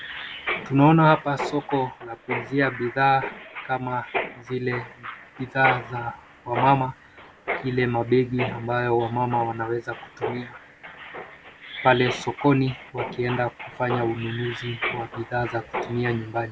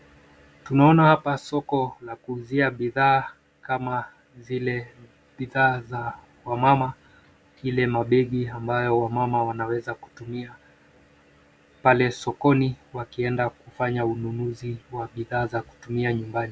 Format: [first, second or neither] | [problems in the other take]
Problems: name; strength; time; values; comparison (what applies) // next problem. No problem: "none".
second | background sound (Mechanisms); 9 dB below the speech